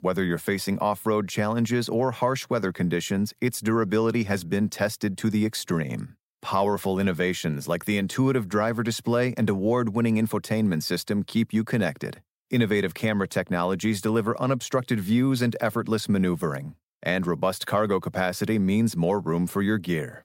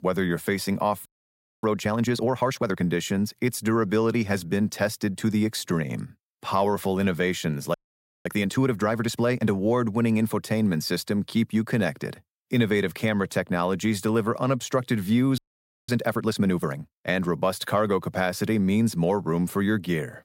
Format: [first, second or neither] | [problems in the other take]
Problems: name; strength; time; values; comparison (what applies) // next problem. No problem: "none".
first | audio freezing; at 1 s for 0.5 s, at 7.5 s for 0.5 s and at 15 s for 0.5 s